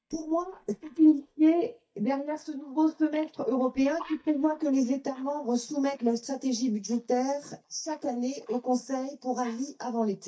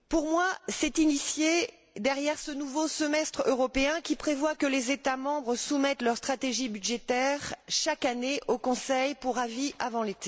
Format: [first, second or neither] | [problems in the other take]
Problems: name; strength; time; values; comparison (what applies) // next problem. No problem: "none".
second | noise reduction (neural mask model DeepFilterNet 3)